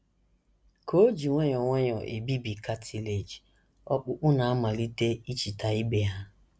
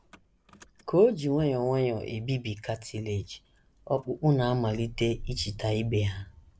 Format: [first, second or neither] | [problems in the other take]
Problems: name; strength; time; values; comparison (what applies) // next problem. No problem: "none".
first | background sound (Engine starting / Motor vehicle (road)); 18 dB below the speech